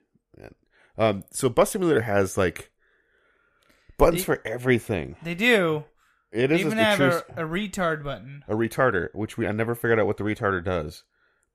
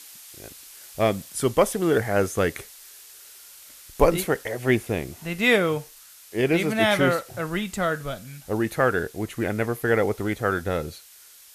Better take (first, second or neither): first